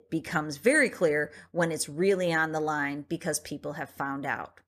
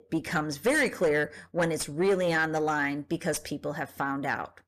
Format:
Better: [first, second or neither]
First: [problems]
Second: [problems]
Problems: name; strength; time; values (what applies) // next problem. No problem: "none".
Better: first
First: none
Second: distortion; slight; 10 dB below the speech